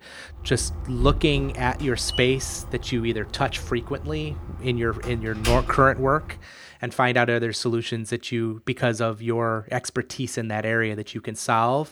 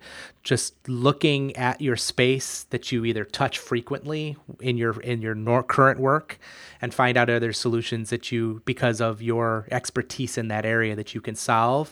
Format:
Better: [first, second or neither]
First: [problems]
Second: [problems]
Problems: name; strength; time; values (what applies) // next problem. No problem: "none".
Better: second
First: door banging; noticeable; until 6.5 s; peak 3 dB below the speech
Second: none